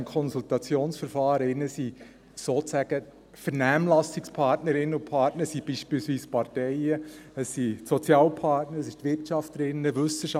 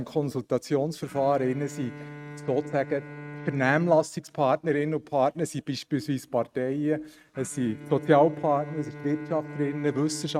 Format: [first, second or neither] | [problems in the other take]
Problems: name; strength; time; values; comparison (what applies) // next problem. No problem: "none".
first | noise reduction (neural mask model RNNoise)